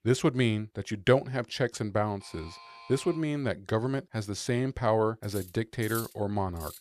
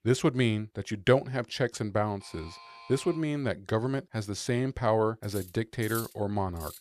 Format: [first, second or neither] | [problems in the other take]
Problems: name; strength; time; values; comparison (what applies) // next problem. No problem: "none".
neither | alarm; faint; from 2 to 3 s; peak 20 dB below the speech; the same in both // clattering dishes; noticeable; from 5 s on; peak 9 dB below the speech; the same in both